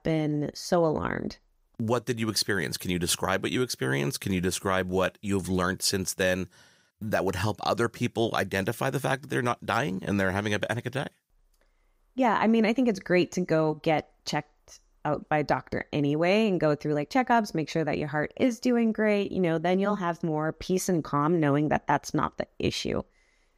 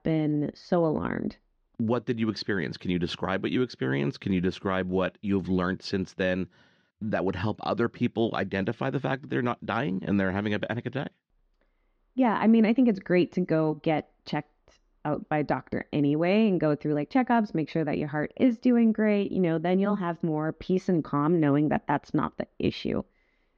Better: first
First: none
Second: muffled; slightly; fading above 4 kHz

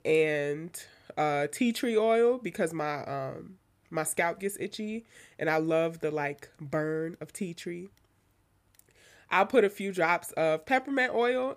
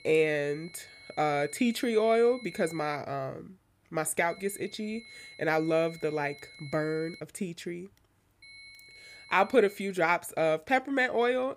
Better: first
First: none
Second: high-pitched whine; noticeable; until 3 s, from 4.5 to 7 s and from 8.5 to 10 s; 2 kHz, 20 dB below the speech

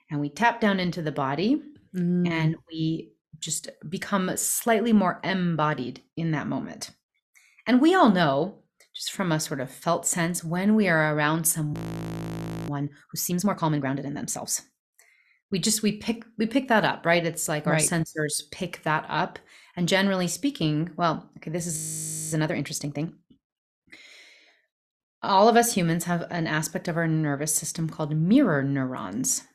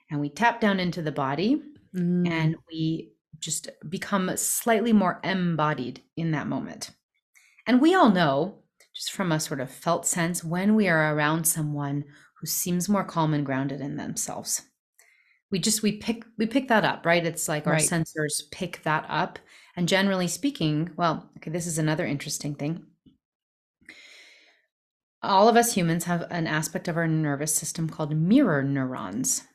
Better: second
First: audio freezing; at 12 s for 1 s and at 22 s for 0.5 s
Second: none

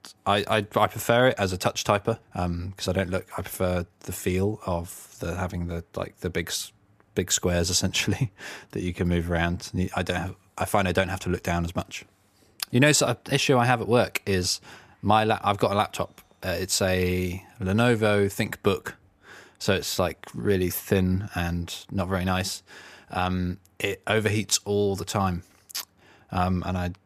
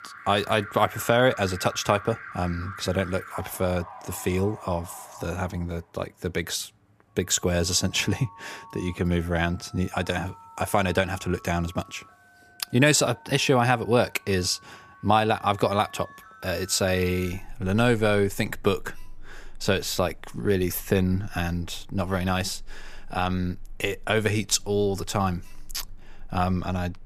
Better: first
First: none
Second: alarms or sirens; noticeable; throughout; 20 dB below the speech

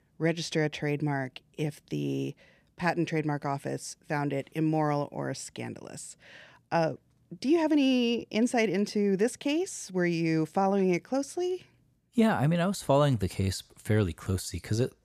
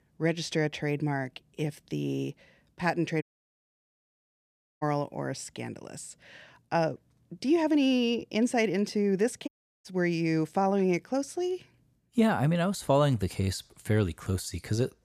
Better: first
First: none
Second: audio cutting out; at 3 s for 1.5 s and at 9.5 s

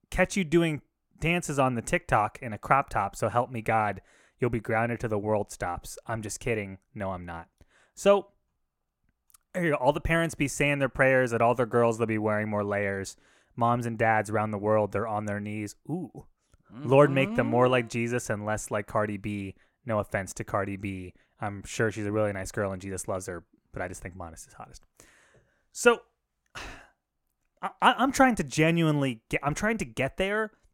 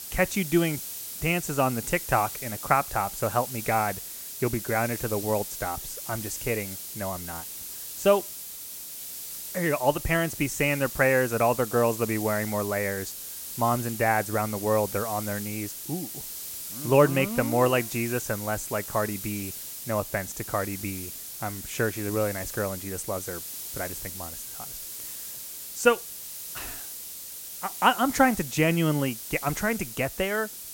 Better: first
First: none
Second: hiss; loud; throughout; 8 dB below the speech

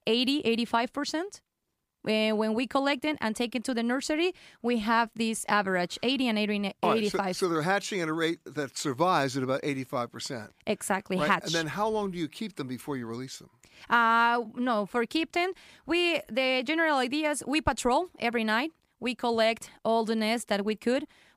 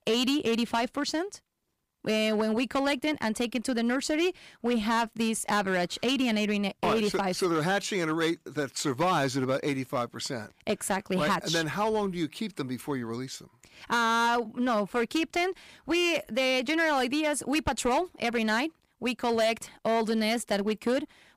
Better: first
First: none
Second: distortion; slight; 7% of the sound clipped

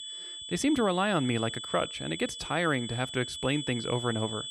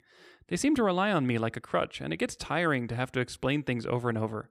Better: second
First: high-pitched whine; loud; throughout; 3.5 kHz, 7 dB below the speech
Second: none

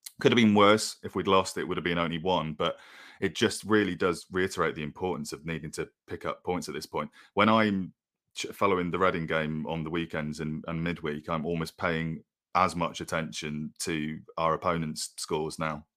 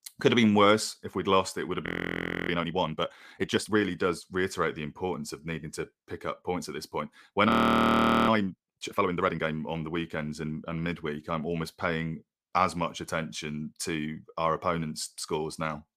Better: first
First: none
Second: audio freezing; at 2 s for 0.5 s and at 7.5 s for 1 s

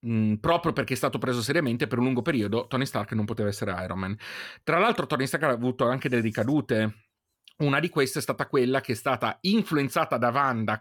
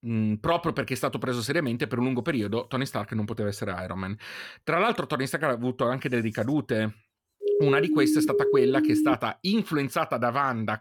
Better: first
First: none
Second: siren; loud; from 7.5 to 9 s; peak 4 dB above the speech

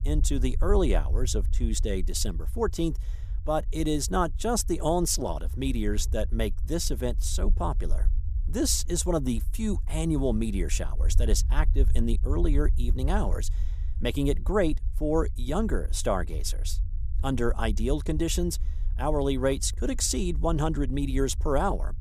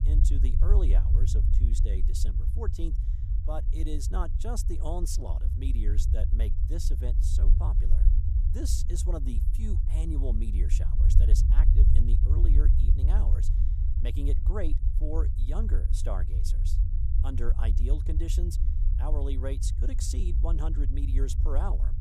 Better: first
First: low rumble; faint; throughout; 20 dB below the speech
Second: low rumble; loud; throughout; 5 dB below the speech

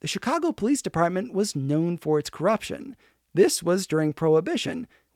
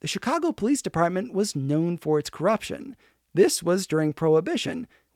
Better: neither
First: none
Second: none

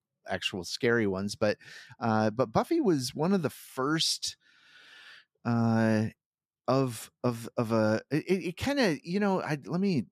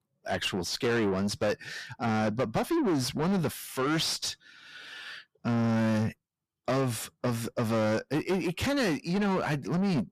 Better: first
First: none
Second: distortion; heavy; 7 dB below the speech

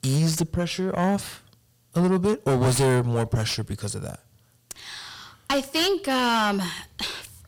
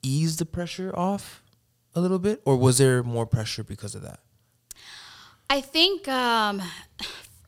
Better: second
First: distortion; heavy; 5 dB below the speech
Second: none

